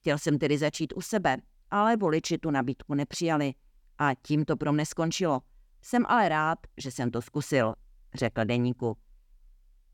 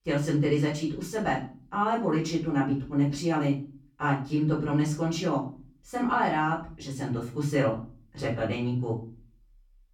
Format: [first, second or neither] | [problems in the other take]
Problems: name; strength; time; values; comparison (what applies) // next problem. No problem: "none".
first | off-mic speech; far // room echo; slight; dies away in 0.4 s